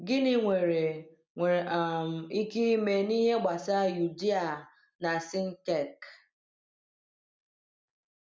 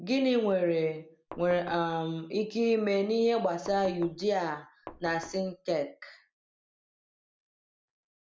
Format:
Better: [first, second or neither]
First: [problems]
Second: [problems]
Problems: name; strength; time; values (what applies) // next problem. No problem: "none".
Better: first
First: none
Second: background sound (Knock); 17 dB below the speech